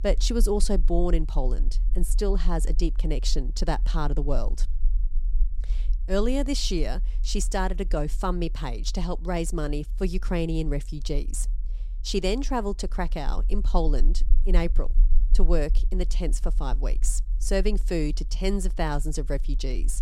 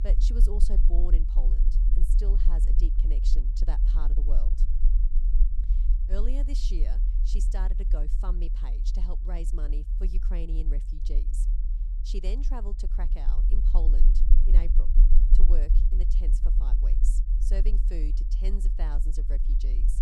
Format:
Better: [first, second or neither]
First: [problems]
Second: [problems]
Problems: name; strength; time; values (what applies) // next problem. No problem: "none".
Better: first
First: low rumble; faint; throughout; 25 dB below the speech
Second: low rumble; loud; throughout; 6 dB below the speech